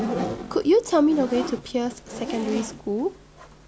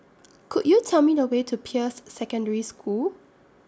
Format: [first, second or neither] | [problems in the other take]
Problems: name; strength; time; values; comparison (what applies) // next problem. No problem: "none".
second | background sound (Zipper (clothing)); 8 dB below the speech